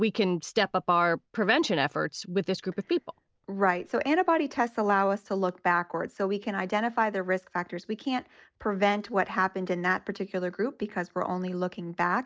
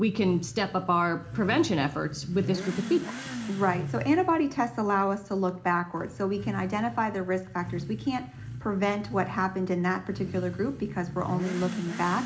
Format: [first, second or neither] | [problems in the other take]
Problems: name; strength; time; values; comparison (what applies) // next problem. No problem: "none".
first | background sound (Motorcycle / Accelerating, revving, vroom); 10 dB below the speech // room echo; dies away in 0.4 s